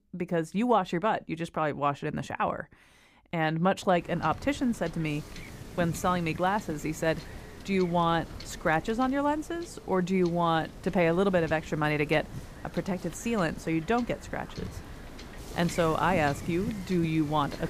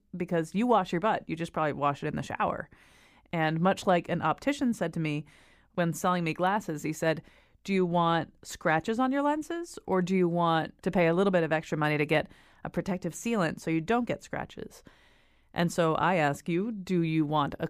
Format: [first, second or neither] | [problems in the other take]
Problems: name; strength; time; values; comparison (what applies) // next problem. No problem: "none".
second | wind noise on the microphone; occasional gusts; from 4 s on; 20 dB below the speech